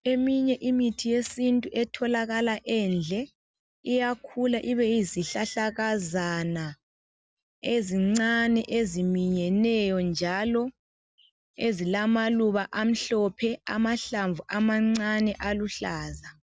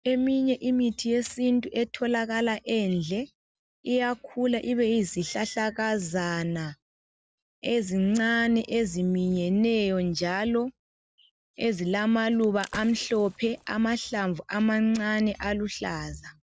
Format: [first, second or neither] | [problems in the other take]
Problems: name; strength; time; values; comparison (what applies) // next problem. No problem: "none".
first | noise reduction (neural separator model SepFormer DNS4)